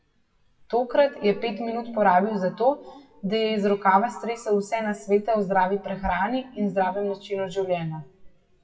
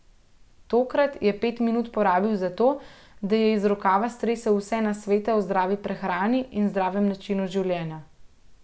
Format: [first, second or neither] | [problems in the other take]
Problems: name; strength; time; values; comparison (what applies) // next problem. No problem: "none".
second | noise reduction (classical method WPE with log-MMSE)